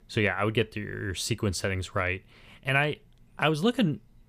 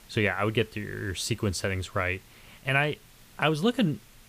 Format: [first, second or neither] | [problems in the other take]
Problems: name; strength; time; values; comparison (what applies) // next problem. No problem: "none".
first | hiss; faint; throughout; 25 dB below the speech